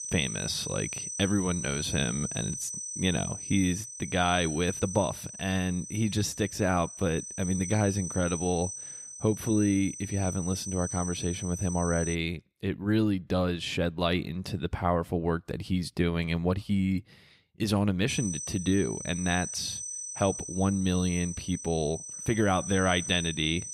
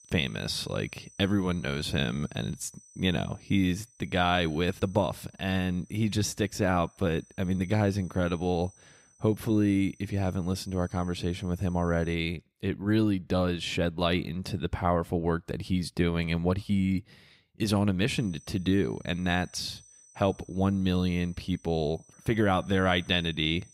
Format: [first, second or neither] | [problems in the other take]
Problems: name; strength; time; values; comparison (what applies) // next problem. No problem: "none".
second | high-pitched whine; loud; until 12 s and from 18 s on; 6 kHz, 7 dB below the speech; faint in the second